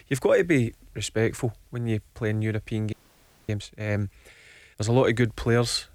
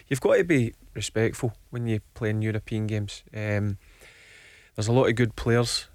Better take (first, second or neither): second